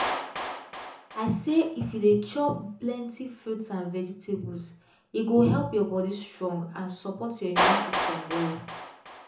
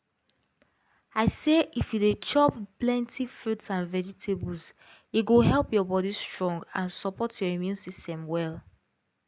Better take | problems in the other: second | background sound (Clapping); 5 dB below the speech // room echo; dies away in 0.6 s

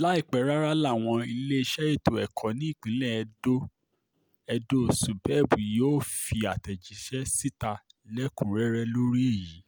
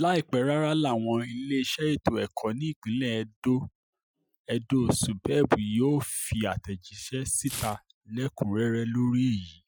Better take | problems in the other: first | noise reduction (classical method Wiener filter)

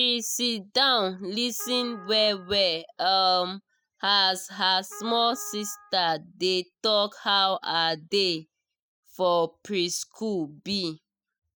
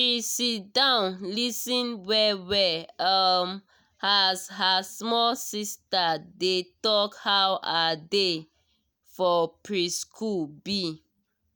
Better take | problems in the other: second | noise reduction (classical method spectral subtraction)

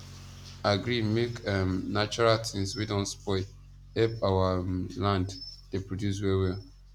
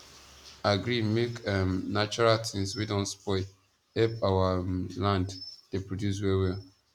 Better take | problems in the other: second | background sound (Piano); 19 dB below the speech

